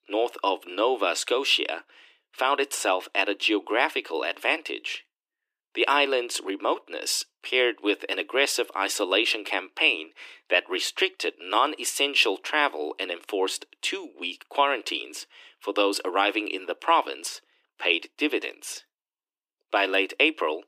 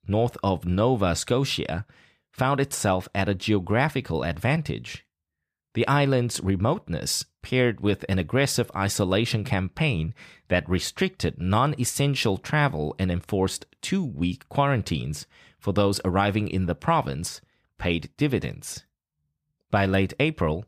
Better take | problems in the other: second | thin; very; fading below 300 Hz

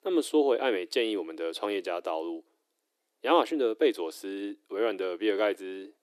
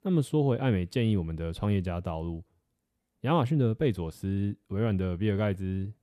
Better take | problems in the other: second | thin; very; fading below 300 Hz

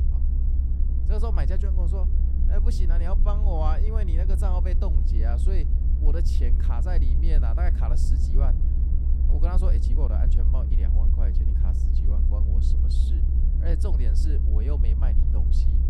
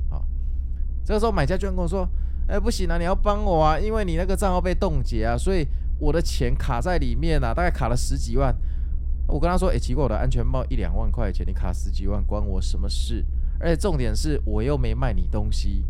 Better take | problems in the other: second | low rumble; loud; throughout; 3 dB below the speech; faint in the second

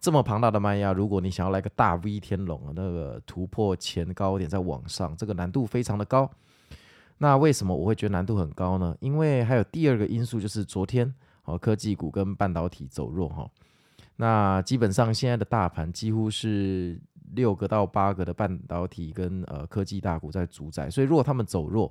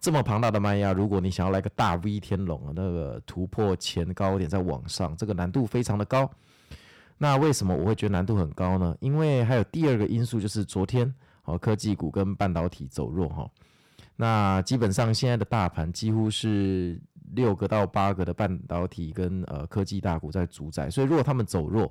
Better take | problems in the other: first | distortion; slight; 5% of the sound clipped

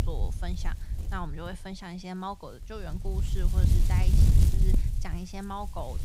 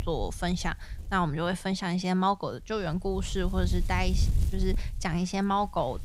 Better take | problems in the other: second | wind noise on the microphone; heavy; 2 dB below the speech; occasional gusts in the second

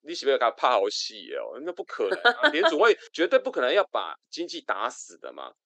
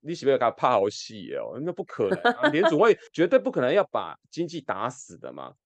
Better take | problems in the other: second | thin; somewhat; fading below 350 Hz

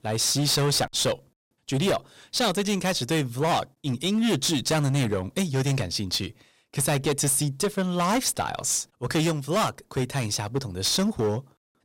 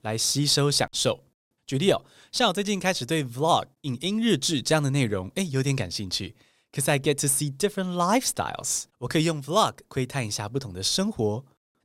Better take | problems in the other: second | distortion; heavy; 12% of the sound clipped

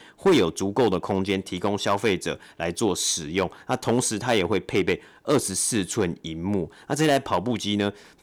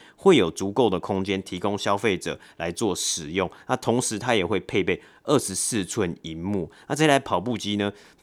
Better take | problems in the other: second | distortion; slight; 2% of the sound clipped

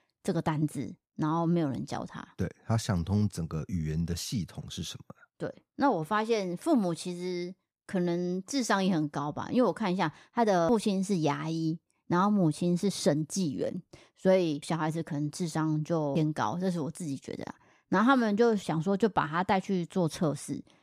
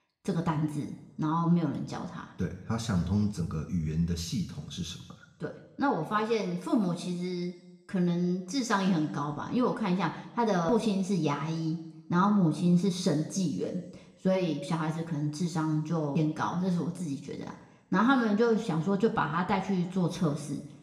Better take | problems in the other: first | room echo; slight; dies away in 0.9 s // off-mic speech; somewhat distant

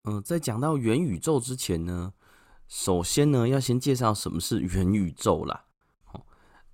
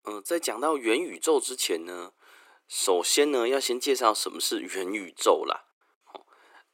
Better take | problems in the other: first | thin; very; fading below 350 Hz

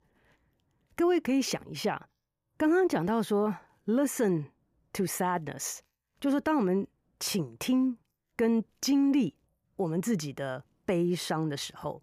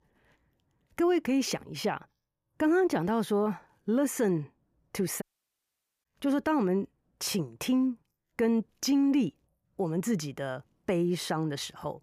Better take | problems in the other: first | audio cutting out; at 5 s for 1 s

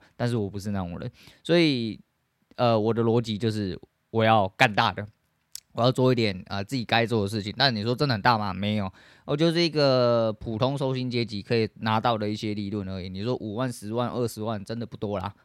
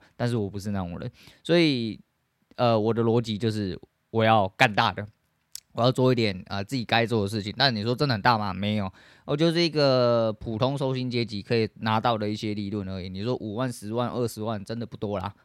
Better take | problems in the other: neither | none

